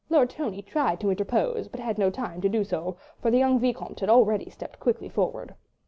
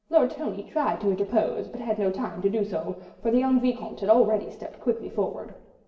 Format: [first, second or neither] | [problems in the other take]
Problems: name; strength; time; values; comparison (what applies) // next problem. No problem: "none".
first | room echo; dies away in 1 s